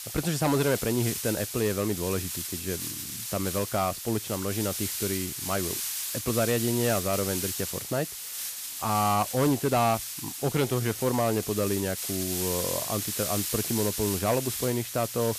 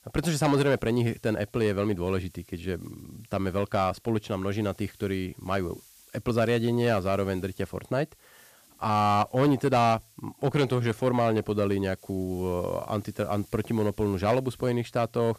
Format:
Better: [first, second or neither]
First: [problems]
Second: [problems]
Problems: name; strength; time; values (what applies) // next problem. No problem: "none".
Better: second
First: hiss; loud; throughout; 3 dB below the speech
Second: hiss; faint; throughout; 25 dB below the speech